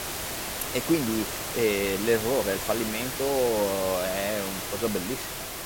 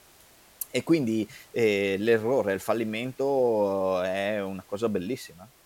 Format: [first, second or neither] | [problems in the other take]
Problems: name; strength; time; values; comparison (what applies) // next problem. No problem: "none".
second | hiss; loud; throughout; 3 dB below the speech; faint in the second